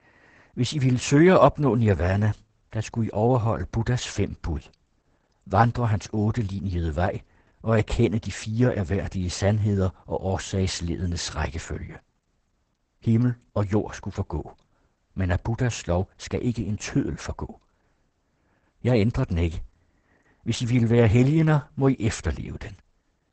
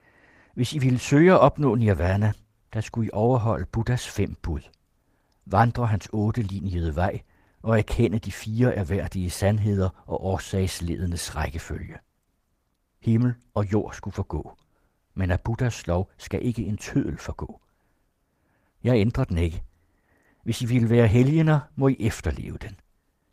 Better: second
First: garbled, watery; badly; nothing above 8 kHz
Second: garbled, watery; slightly; nothing above 15 kHz

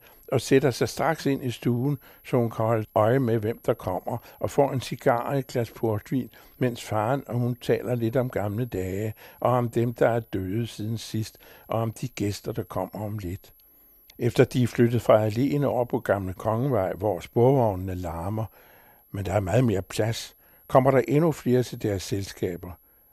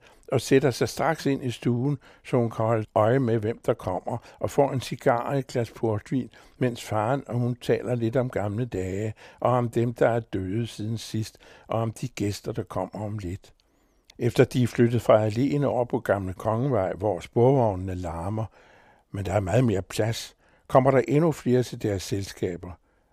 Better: second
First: high-pitched whine; faint; throughout; 11.5 kHz, 30 dB below the speech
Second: none

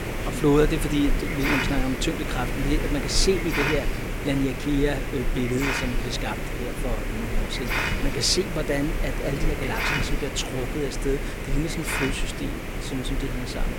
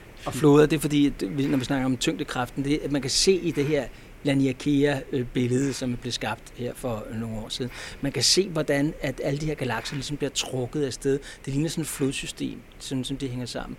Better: second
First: hiss; loud; throughout; 2 dB below the speech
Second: hiss; faint; throughout; 20 dB below the speech

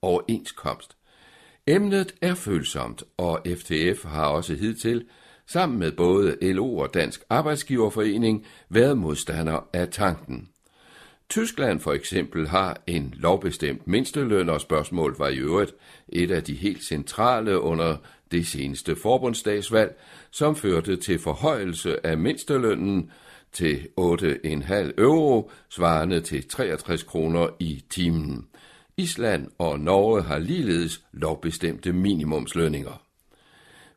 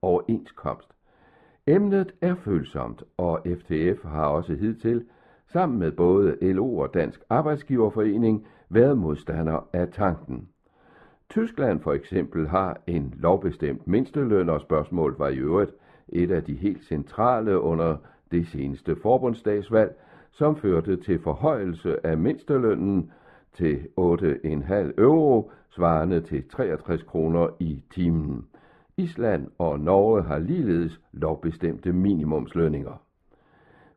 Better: first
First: none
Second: muffled; very; fading above 3 kHz

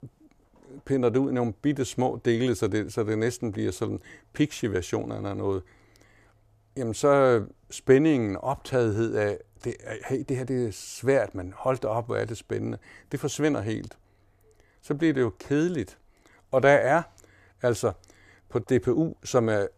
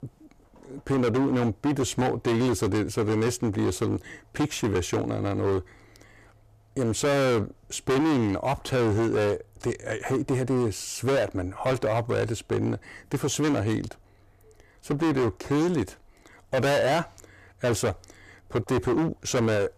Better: first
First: none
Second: distortion; heavy; 16% of the sound clipped

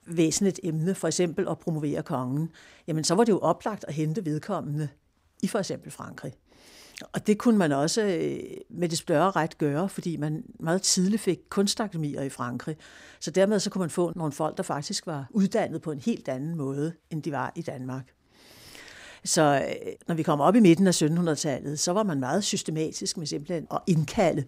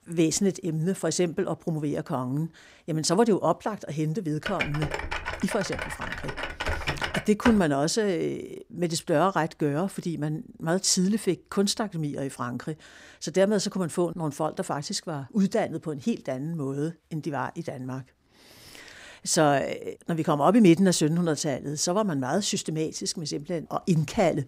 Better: first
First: none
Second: keyboard typing; noticeable; from 4.5 to 7.5 s; peak 2 dB below the speech

